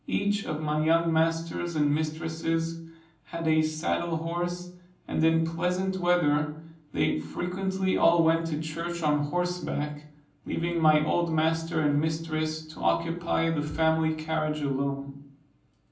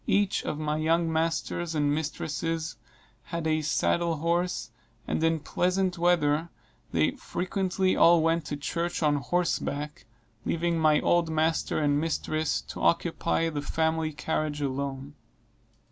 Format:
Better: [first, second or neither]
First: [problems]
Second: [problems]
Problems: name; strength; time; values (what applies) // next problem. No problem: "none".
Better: second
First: room echo; dies away in 0.6 s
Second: none